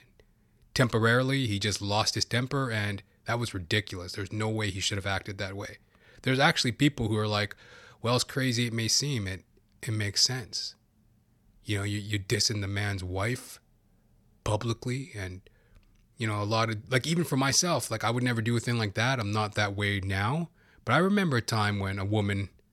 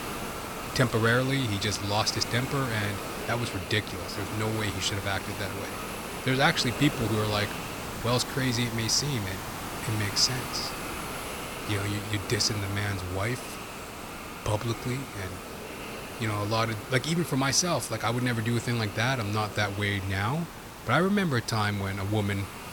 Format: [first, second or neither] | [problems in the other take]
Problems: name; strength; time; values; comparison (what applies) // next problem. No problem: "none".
first | hiss; loud; throughout; 8 dB below the speech